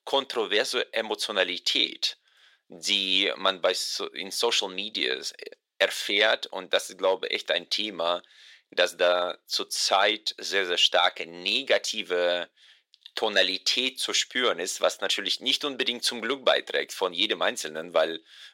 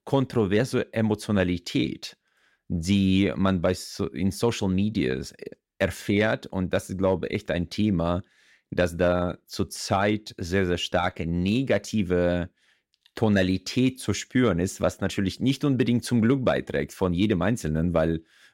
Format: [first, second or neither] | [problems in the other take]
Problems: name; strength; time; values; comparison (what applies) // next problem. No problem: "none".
second | thin; very; fading below 500 Hz